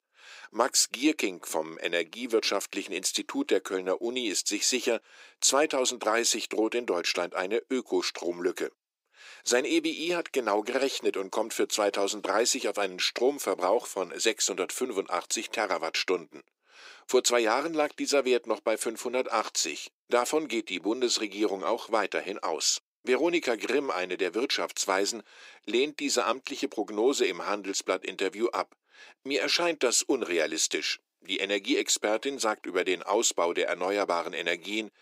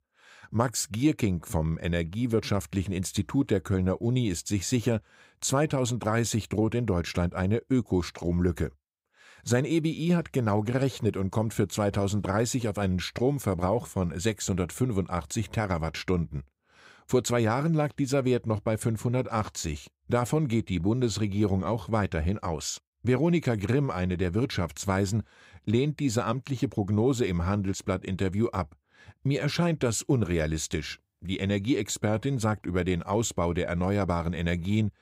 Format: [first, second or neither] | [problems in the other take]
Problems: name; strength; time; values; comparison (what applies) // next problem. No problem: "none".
second | thin; somewhat; fading below 300 Hz